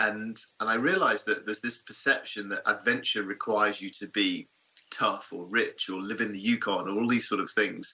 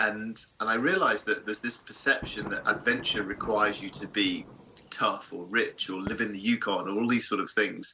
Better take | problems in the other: first | background sound (Fireworks + Thunder); 17 dB below the speech

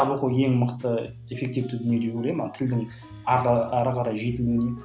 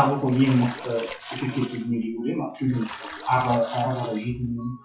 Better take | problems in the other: first | noise reduction (classical method WPE with log-MMSE)

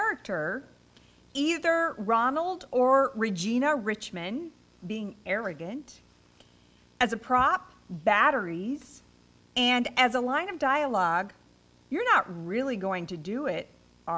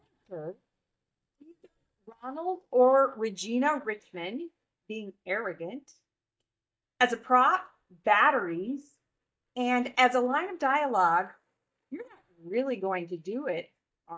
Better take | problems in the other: first | noise reduction (neural mask model DeepFilterNet 3)

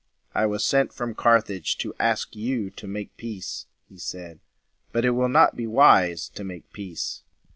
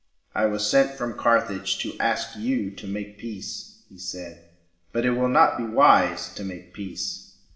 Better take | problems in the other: first | room echo; dies away in 0.7 s

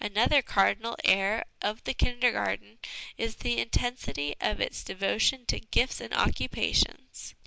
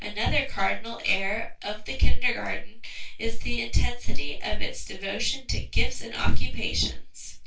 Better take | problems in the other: first | room echo; dies away in 0.2 s

